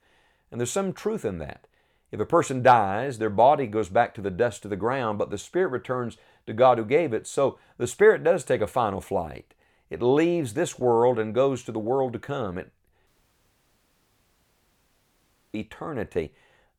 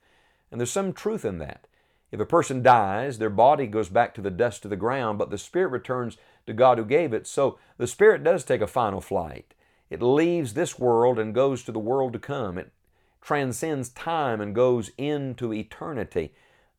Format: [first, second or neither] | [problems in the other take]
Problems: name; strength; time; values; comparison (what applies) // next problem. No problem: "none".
second | audio cutting out; at 13 s for 2.5 s